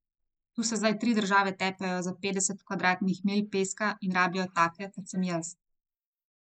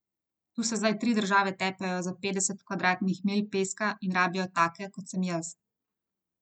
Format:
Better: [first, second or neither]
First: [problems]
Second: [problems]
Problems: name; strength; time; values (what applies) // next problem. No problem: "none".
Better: second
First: noise reduction (neural mask model Resemble Enhance denoiser)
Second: none